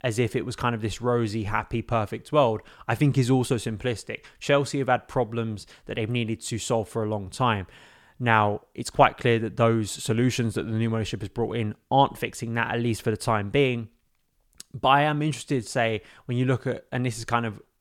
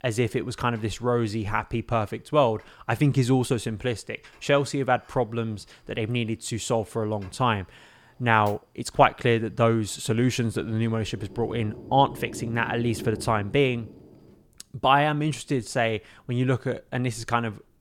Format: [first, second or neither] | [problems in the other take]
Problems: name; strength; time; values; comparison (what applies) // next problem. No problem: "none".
first | rain or running water; noticeable; throughout; 20 dB below the speech